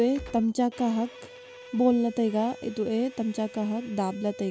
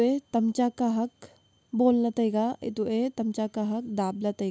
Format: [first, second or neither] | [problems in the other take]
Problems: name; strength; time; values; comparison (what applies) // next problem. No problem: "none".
second | background sound (Bowed string instrument + Gunshot, gunfire); 18 dB below the speech